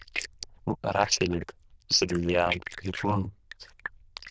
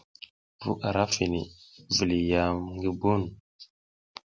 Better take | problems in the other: second | noise reduction (neural diffusion model UNIVERSE++)

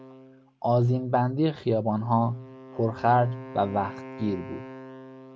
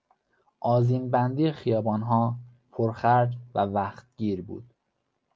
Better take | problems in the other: second | background sound (Wind instrument, woodwind instrument); 17 dB below the speech

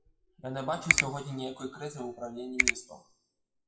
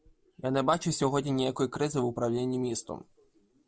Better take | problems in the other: second | noise reduction (classical method WPE with log-MMSE)

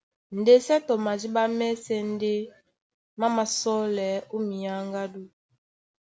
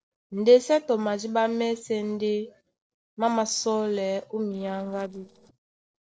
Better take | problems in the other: first | noise reduction (neural separator model SepFormer DNS4)

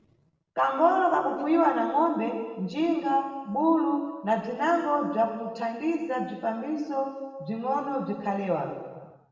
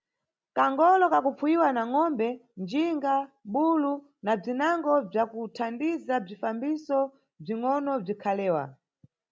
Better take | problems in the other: second | room echo; dies away in 1.3 s

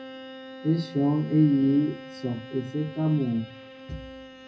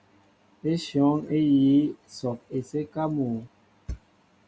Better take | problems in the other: second | background sound (Bowed string instrument); 16 dB below the speech // room echo; dies away in 0.4 s

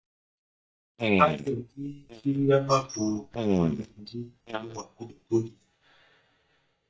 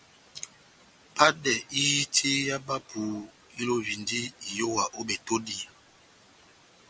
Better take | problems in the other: second | noise reduction (neural mask model DeepFilterNet 3)

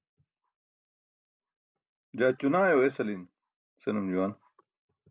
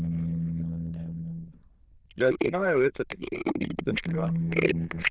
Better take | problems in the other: first | noise reduction (neural diffusion model UNIVERSE++)

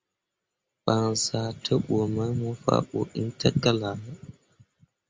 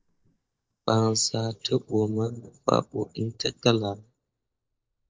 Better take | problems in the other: first | noise reduction (neural mask model DeepFilterNet 3)

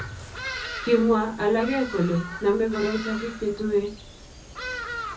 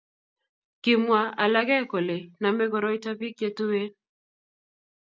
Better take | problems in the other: second | background sound (Bird vocalization, bird call, bird song); 10 dB below the speech // room echo; dies away in 0.3 s

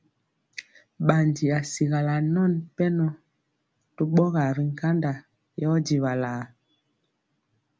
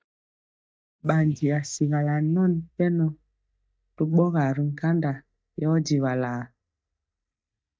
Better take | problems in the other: first | noise reduction (neural mask model DeepFilterNet 3)

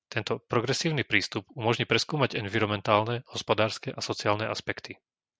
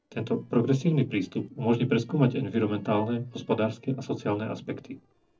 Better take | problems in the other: first | noise reduction (neural separator model SepFormer DNS4)

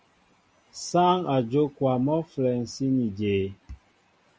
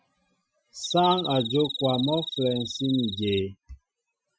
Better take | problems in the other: first | noise reduction (classical method Wiener filter)

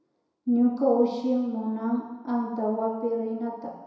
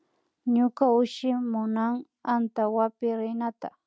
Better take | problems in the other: second | room echo; dies away in 1 s

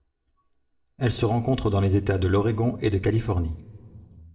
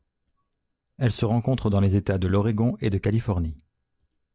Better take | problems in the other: second | room echo; dies away in 1.1 s

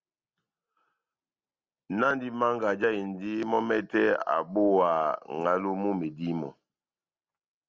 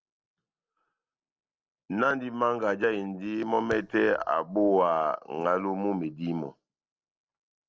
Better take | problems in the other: first | noise reduction (neural separator model SepFormer DNS4)

